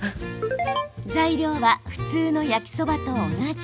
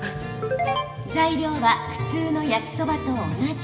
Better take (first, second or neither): first